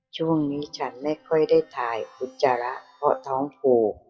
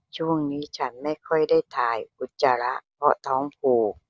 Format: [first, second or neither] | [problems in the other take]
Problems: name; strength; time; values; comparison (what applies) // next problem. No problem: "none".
second | noise reduction (classical method WPE with log-MMSE)